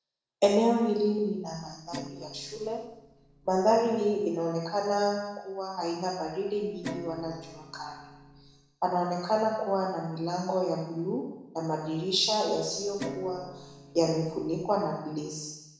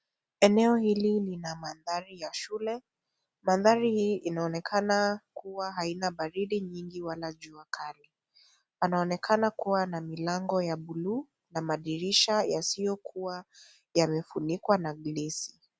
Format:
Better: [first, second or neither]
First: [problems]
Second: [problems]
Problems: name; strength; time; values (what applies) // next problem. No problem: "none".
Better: second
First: noise reduction (neural separator model SepFormer DNS4)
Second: none